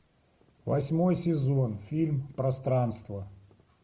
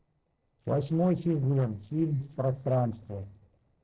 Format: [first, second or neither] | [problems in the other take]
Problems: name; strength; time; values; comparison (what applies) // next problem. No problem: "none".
first | noise reduction (neural separator model SepFormer DNS4)